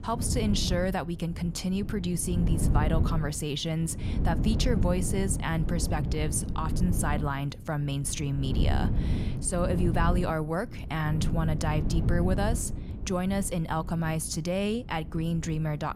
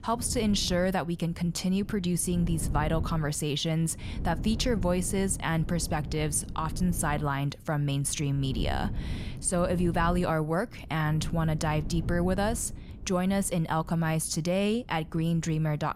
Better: second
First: wind noise on the microphone; heavy; 9 dB below the speech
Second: wind noise on the microphone; occasional gusts; 20 dB below the speech

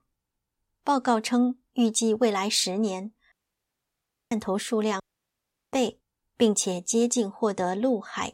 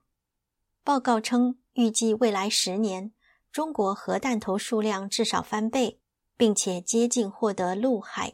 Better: second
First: audio cutting out; at 3.5 s for 1 s and at 5 s for 0.5 s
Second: none

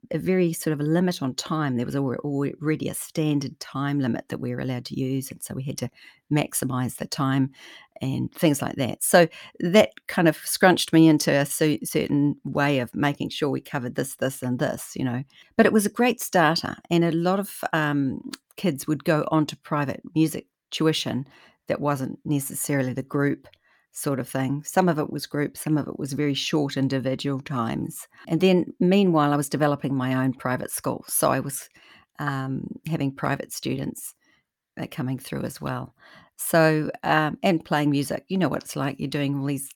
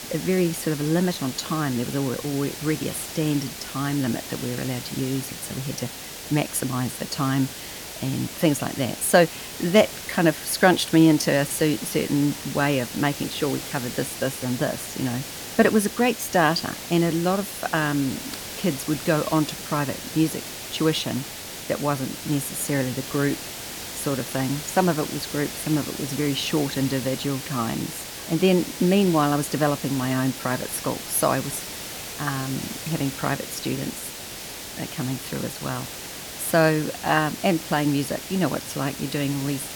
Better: first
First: none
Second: hiss; loud; throughout; 9 dB below the speech

